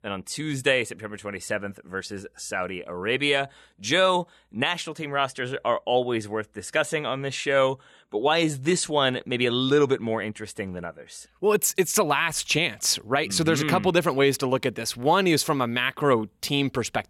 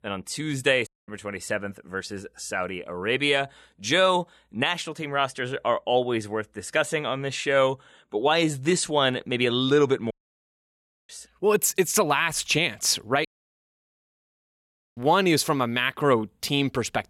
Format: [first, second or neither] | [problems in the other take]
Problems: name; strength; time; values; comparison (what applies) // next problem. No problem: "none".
first | audio cutting out; at 1 s, at 10 s for 1 s and at 13 s for 1.5 s